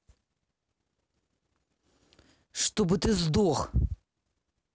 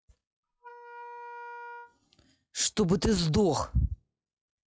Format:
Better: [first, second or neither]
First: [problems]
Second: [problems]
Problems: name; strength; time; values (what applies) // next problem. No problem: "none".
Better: first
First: none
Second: noise reduction (classical method log-MMSE)